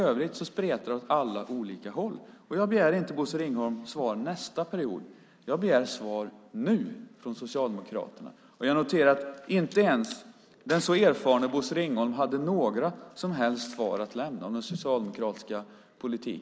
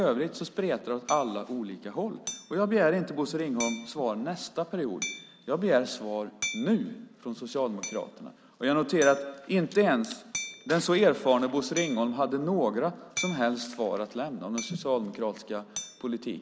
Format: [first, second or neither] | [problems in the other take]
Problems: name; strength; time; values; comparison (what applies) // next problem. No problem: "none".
first | background sound (Hammer); 14 dB below the speech